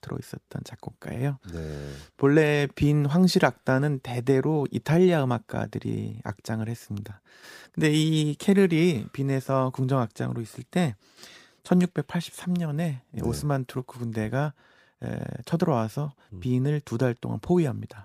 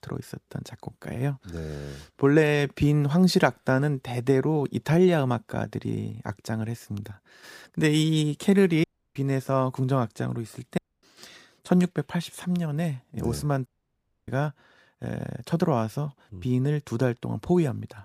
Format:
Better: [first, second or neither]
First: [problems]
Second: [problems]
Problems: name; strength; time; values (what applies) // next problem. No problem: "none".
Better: first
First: none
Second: audio cutting out; at 9 s, at 11 s and at 14 s for 0.5 s